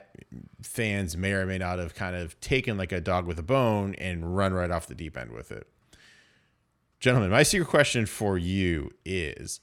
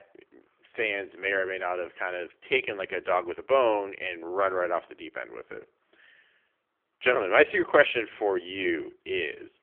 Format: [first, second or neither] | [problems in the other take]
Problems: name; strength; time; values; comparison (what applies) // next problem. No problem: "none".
first | phone-call audio; poor line; nothing above 3 kHz